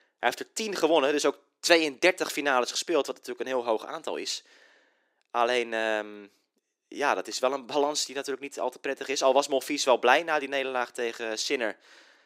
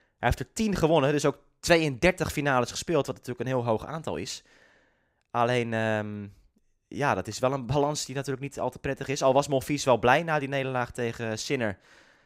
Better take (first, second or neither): second